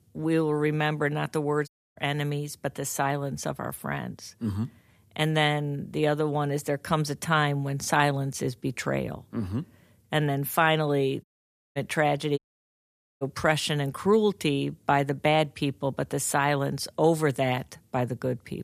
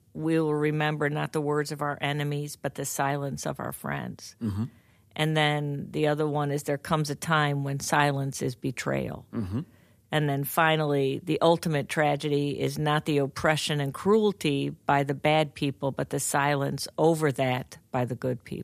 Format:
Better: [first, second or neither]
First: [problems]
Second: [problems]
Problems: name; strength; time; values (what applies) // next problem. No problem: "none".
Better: second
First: audio cutting out; at 1.5 s, at 11 s for 0.5 s and at 12 s for 1 s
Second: none